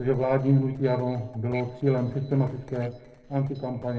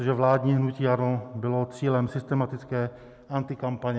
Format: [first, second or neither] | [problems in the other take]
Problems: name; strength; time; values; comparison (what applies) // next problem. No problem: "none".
second | noise reduction (neural separator model SepFormer DNS4)